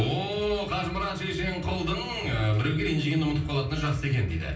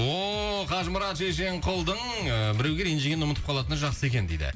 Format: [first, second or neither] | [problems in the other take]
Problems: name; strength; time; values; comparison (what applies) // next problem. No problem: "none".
second | room echo; dies away in 0.6 s